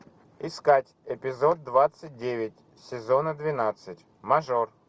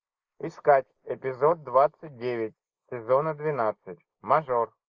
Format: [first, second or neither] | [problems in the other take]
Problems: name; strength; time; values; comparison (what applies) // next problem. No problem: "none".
first | noise reduction (neural mask model Resemble Enhance denoiser)